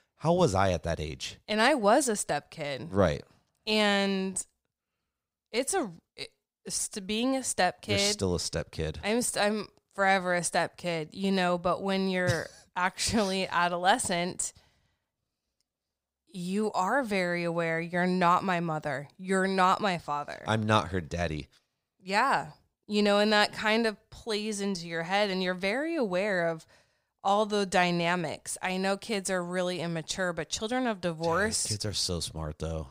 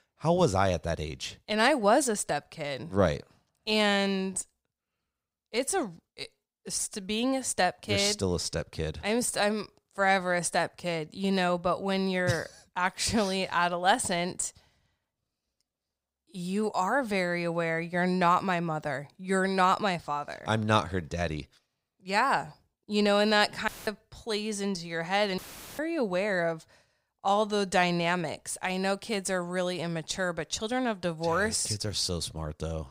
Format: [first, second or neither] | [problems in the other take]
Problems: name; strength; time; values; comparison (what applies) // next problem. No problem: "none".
first | audio cutting out; filled with static; at 24 s and at 25 s